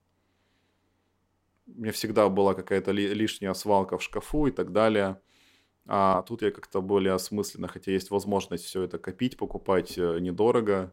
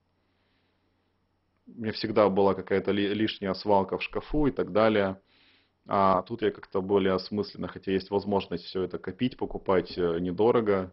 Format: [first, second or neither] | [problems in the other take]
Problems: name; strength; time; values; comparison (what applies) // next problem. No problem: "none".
first | garbled, watery; badly; nothing above 5.5 kHz